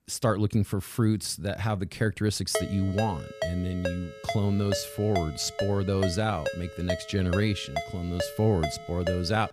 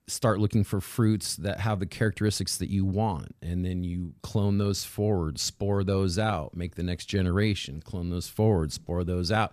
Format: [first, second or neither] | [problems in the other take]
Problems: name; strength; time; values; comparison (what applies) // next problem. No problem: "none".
second | phone ringing; noticeable; from 2.5 s on; peak 4 dB below the speech